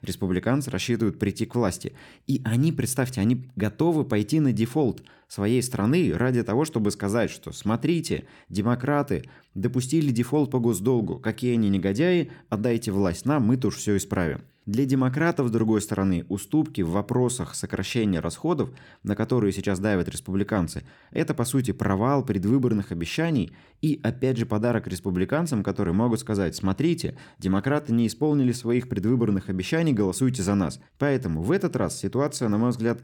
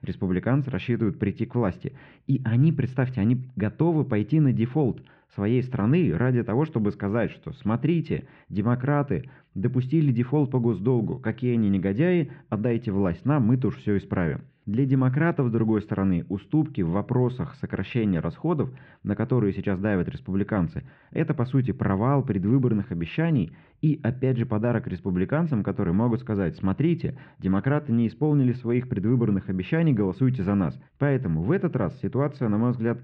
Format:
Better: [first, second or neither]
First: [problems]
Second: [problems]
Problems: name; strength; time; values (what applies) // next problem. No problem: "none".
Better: first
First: none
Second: muffled; very; fading above 3 kHz